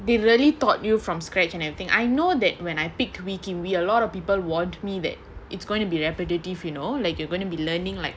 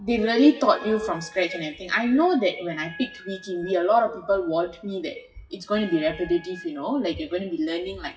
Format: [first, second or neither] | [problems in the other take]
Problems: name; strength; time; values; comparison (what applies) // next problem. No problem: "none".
first | noise reduction (classical method WPE with log-MMSE)